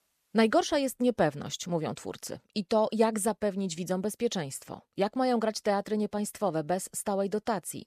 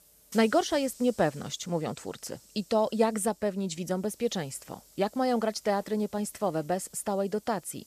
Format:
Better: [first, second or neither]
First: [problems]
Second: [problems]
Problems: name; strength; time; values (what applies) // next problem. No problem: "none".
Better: first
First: none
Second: hiss; faint; throughout; 25 dB below the speech